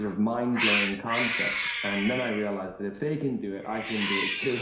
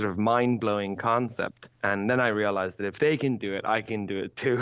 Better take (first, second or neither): second